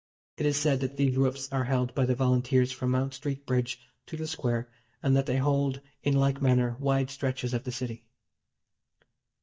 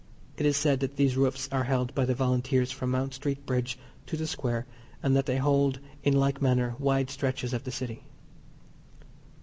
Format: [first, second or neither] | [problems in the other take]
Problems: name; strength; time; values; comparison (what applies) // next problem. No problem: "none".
second | noise reduction (neural mask model DeepFilterNet 3)